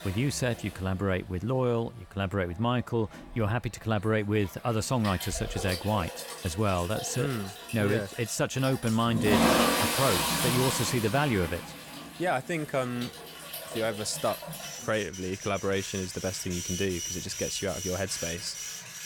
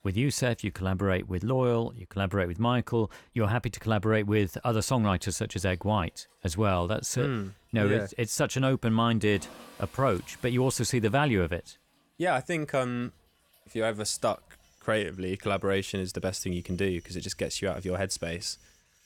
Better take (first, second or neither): second